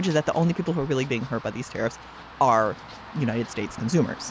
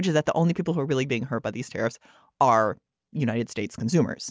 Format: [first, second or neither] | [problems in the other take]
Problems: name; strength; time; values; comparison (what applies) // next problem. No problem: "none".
second | background sound (Run); 17 dB below the speech